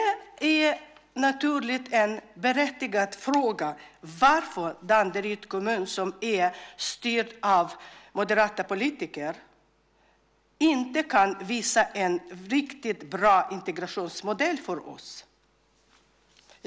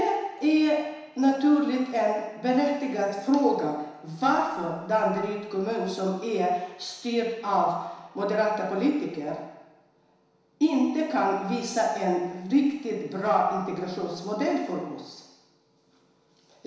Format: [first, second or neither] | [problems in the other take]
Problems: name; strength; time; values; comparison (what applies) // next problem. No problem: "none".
first | room echo; dies away in 1 s